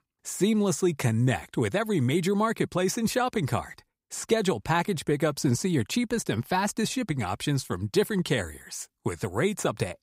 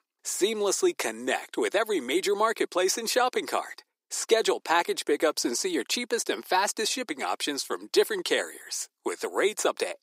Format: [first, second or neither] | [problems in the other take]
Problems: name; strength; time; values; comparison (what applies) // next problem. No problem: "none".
first | thin; very; fading below 300 Hz